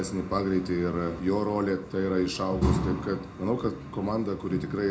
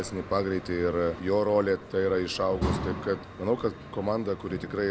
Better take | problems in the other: second | room echo; dies away in 0.3 s

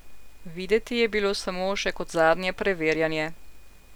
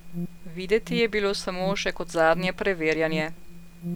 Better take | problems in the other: first | background sound (Alarm); 11 dB below the speech

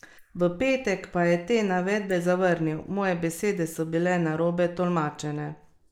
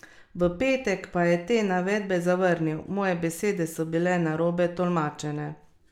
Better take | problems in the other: second | noise reduction (neural mask model Resemble Enhance denoiser)

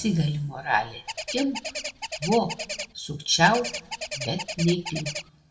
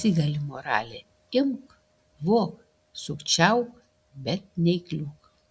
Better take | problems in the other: second | background sound (Bird); 7 dB below the speech // room echo; dies away in 0.4 s

